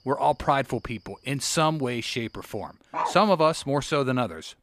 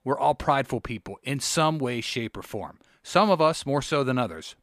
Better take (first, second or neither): second